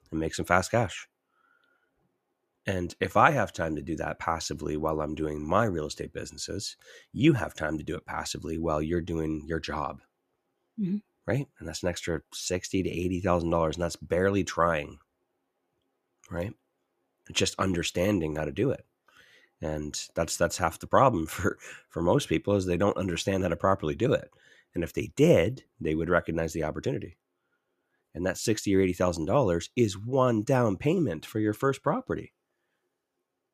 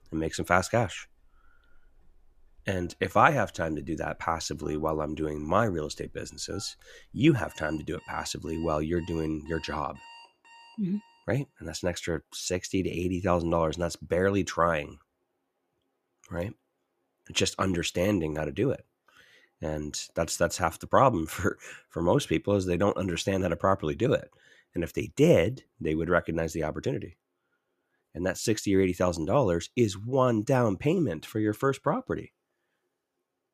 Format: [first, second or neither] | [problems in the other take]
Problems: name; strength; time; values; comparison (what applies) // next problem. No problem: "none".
first | alarms or sirens; faint; until 11 s; 25 dB below the speech